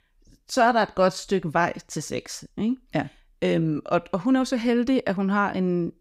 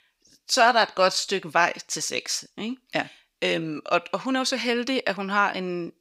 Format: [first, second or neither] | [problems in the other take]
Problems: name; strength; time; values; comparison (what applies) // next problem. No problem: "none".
first | thin; somewhat; fading below 850 Hz